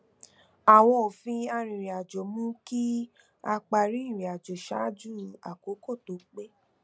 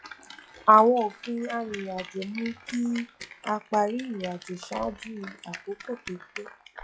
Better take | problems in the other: first | noise reduction (classical method log-MMSE)

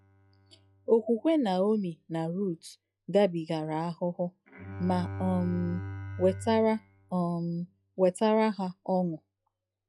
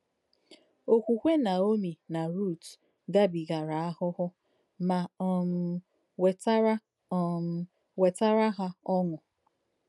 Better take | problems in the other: second | noise reduction (classical method log-MMSE)

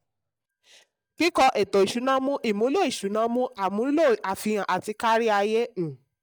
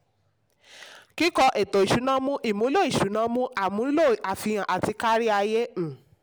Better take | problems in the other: second | noise reduction (neural mask model DeepFilterNet 3)

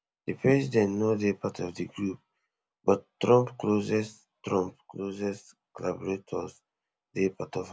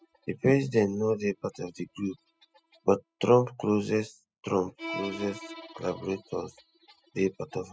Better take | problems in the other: first | noise reduction (classical method spectral subtraction)

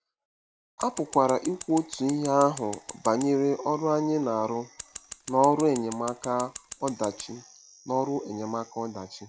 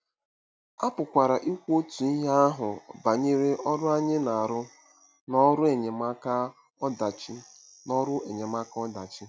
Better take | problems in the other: second | background sound (Scissors); 15 dB below the speech

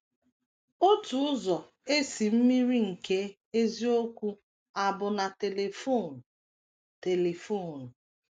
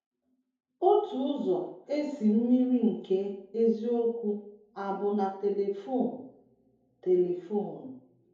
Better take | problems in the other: first | room echo; dies away in 2.6 s

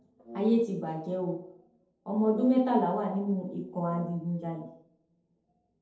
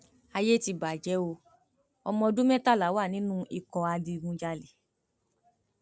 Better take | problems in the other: second | noise reduction (neural separator model SepFormer DNS4)

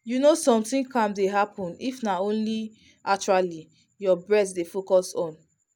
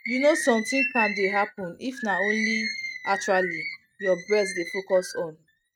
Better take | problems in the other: first | noise reduction (neural mask model RNNoise)

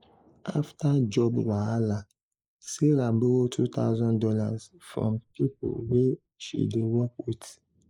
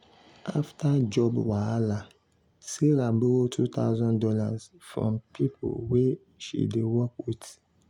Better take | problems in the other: second | noise reduction (neural mask model Resemble Enhance denoiser)

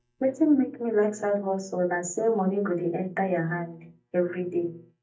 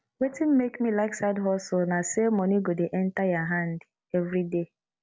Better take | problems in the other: second | noise reduction (neural mask model DeepFilterNet 3)

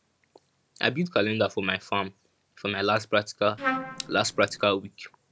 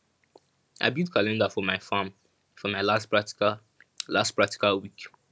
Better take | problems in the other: second | background sound (Trumpet); 5 dB below the speech

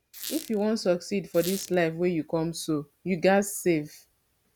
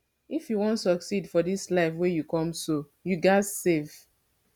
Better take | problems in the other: second | background sound (Squeak); 14 dB below the speech

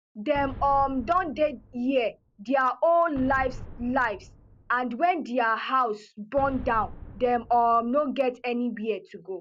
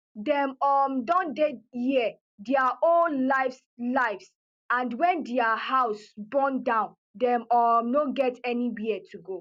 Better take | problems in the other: second | background sound (Boom); 16 dB below the speech

